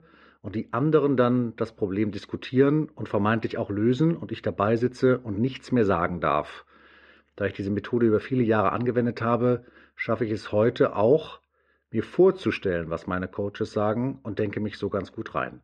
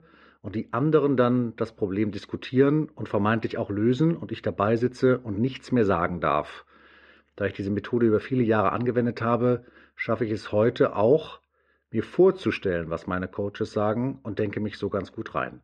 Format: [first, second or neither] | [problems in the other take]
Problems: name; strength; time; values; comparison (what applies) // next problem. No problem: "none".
neither | muffled; very; fading above 3 kHz; the same in both